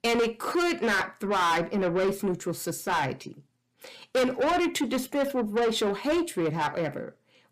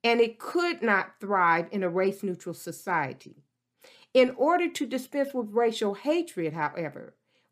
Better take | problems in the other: second | distortion; heavy; 6 dB below the speech

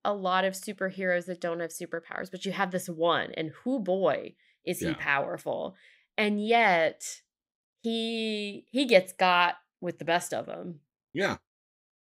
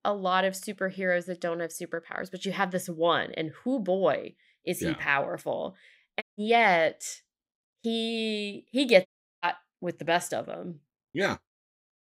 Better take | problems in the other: first | audio cutting out; at 6 s and at 9 s

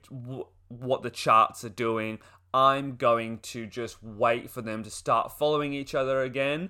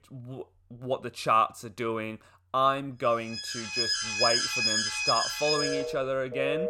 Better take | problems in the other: first | alarms or sirens; very loud; from 4 s on; 3 dB above the speech

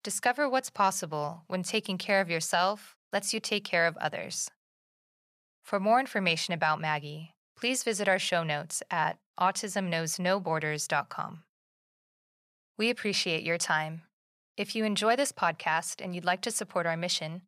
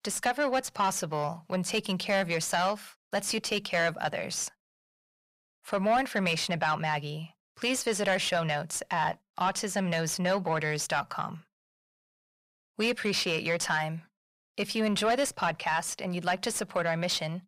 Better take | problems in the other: first | distortion; slight; 10 dB below the speech

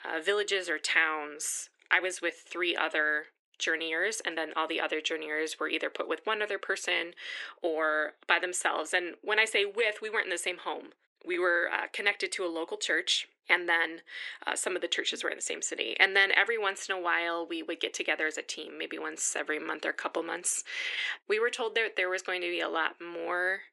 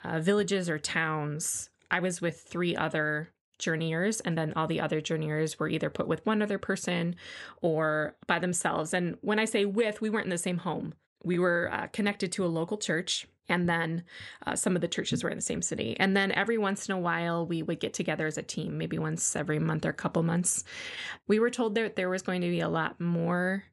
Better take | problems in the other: second | thin; very; fading below 350 Hz

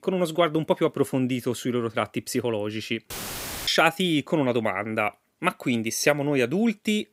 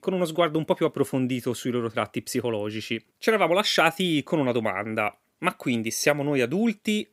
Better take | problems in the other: second | audio cutting out; filled with static; at 3 s for 0.5 s

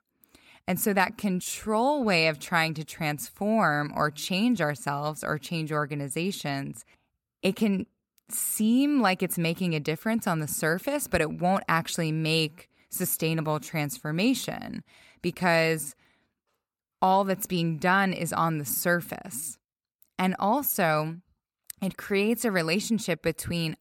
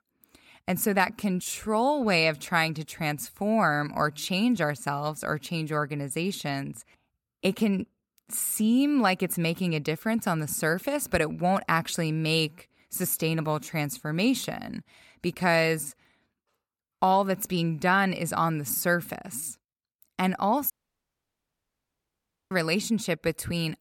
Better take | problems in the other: first | audio cutting out; at 21 s for 2 s

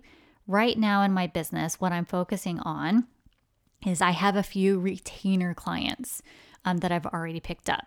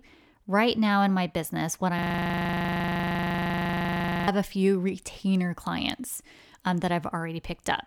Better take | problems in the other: first | audio freezing; at 2 s for 2.5 s

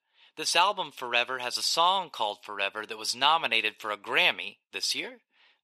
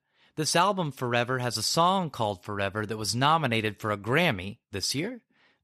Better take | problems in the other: second | thin; very; fading below 450 Hz

